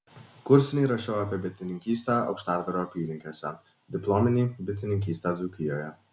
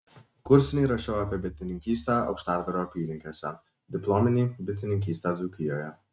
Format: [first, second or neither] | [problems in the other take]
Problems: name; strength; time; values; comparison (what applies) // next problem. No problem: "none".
first | noise reduction (neural mask model RNNoise)